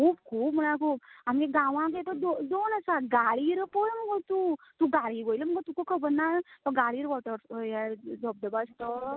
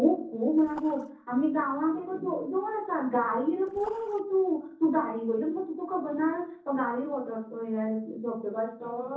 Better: first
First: none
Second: noise reduction (neural separator model SepFormer DNS4)

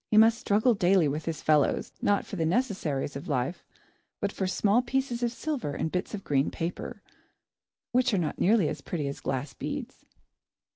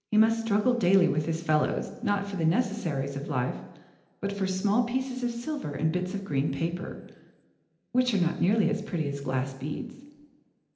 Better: first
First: none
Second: room echo; dies away in 0.9 s

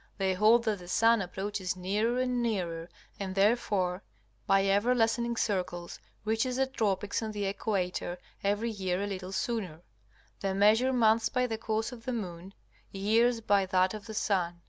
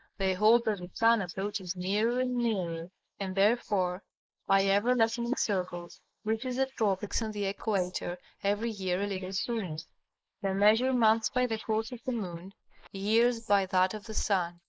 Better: first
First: none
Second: noise reduction (neural mask model Resemble Enhance denoiser)

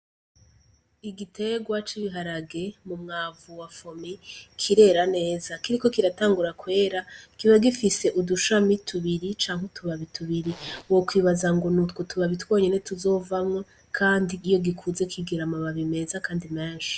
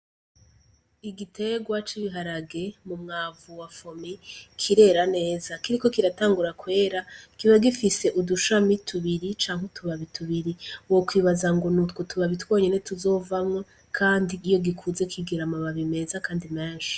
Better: second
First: background sound (Zipper (clothing)); 17 dB below the speech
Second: none

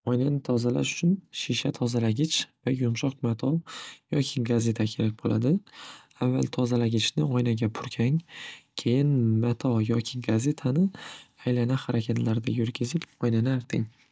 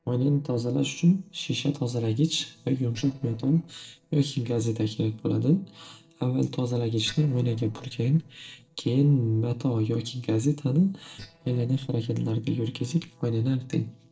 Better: first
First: none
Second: noise reduction (neural separator model SepFormer DNS4)

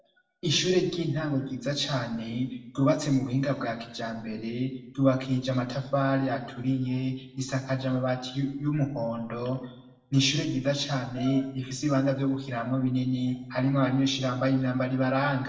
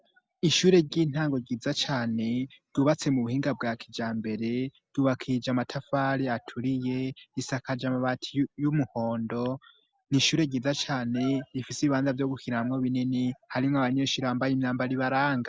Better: second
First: room echo; dies away in 0.7 s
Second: none

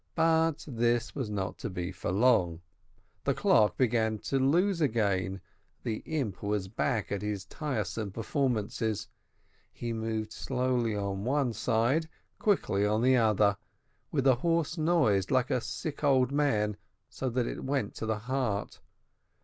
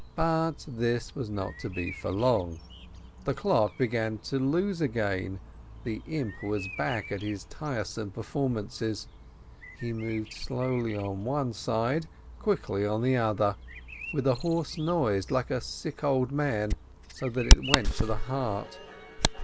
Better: first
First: none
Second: background sound (Bird vocalization, bird call, bird song); 3 dB below the speech

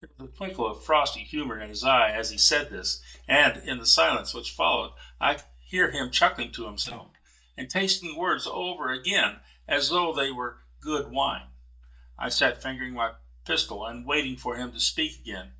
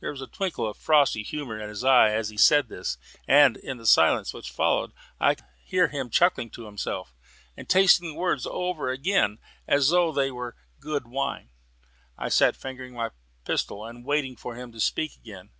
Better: second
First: noise reduction (neural mask model DeepFilterNet 3)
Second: none

